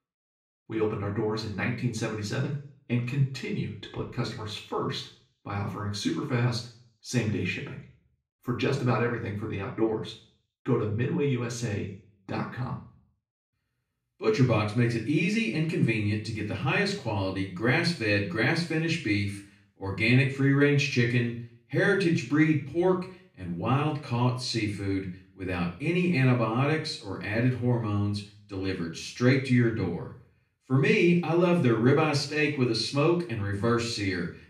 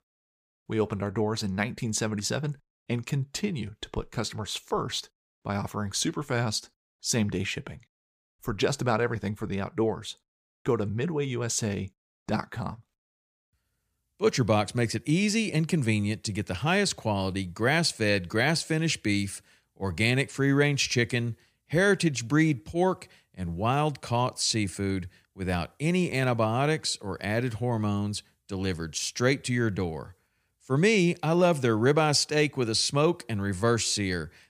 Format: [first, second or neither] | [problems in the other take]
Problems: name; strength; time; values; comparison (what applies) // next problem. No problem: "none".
second | room echo; slight; dies away in 0.5 s // off-mic speech; far